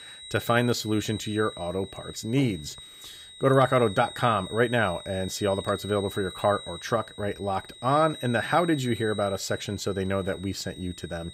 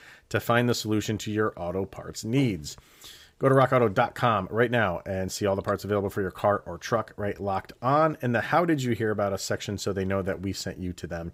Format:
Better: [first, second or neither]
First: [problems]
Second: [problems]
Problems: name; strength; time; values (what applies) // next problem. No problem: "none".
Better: second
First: high-pitched whine; noticeable; throughout; 4 kHz, 15 dB below the speech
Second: none